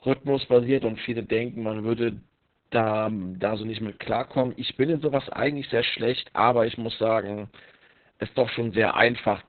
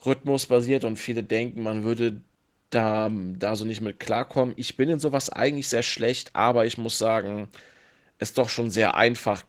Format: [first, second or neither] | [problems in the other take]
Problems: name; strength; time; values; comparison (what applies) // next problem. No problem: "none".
second | garbled, watery; badly; nothing above 4 kHz; slightly in the second